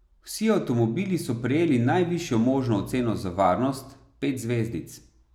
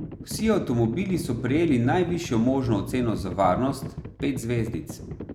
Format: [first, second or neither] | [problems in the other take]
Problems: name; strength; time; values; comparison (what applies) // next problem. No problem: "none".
first | background sound (Livestock, farm animals, working animals); 10 dB below the speech